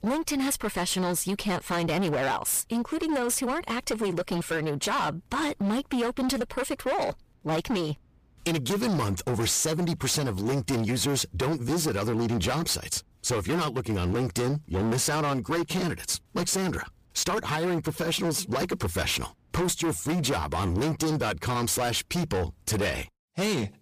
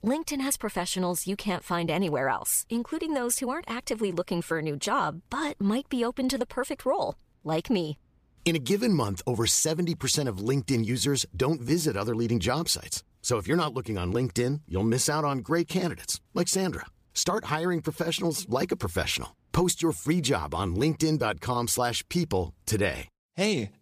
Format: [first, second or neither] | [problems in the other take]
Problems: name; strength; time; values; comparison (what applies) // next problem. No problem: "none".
second | distortion; heavy; 24% of the sound clipped